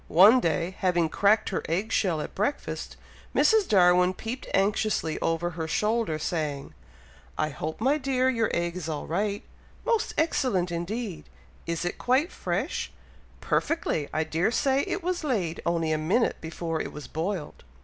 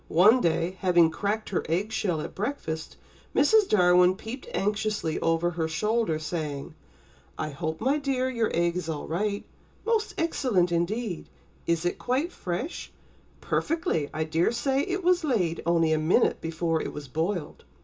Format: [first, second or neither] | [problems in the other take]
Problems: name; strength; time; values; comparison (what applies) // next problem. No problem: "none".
first | room echo; dies away in 0.2 s